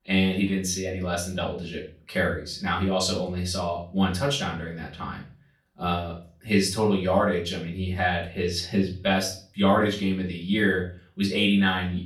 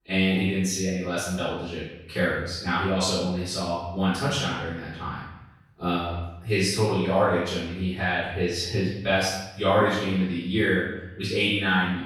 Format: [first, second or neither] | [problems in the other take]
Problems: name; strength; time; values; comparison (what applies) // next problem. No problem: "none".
first | room echo; strong; dies away in 0.8 s; slight in the first // off-mic speech; far; far in the first